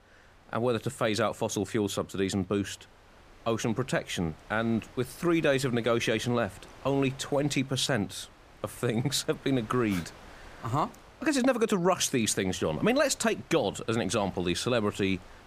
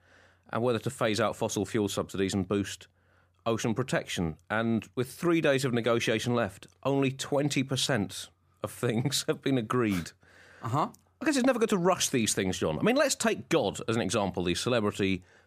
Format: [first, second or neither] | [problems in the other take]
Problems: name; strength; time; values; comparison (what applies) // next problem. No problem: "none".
second | wind noise on the microphone; occasional gusts; 25 dB below the speech